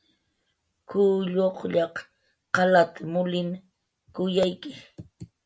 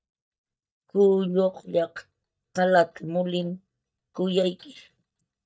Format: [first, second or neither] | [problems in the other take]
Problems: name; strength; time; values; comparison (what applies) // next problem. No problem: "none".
first | noise reduction (neural mask model DeepFilterNet 3)